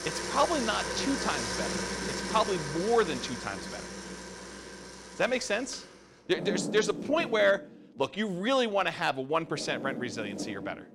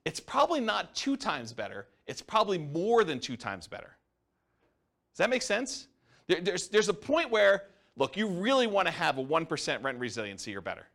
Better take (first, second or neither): second